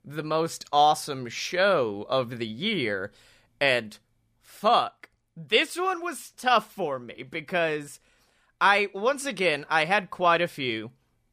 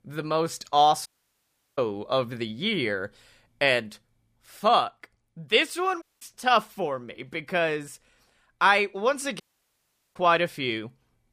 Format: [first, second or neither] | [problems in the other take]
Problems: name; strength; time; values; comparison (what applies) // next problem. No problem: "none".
first | audio cutting out; at 1 s for 0.5 s, at 6 s and at 9.5 s for 1 s